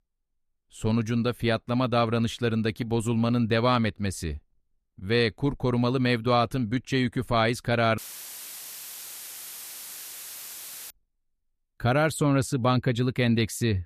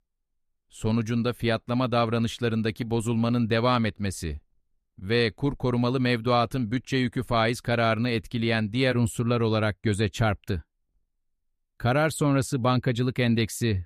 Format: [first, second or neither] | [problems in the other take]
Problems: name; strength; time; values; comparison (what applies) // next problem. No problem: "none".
second | audio cutting out; filled with static; at 8 s for 3 s